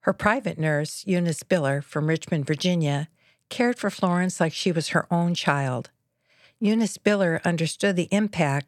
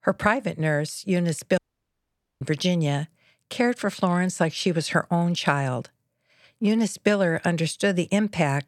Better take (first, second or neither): first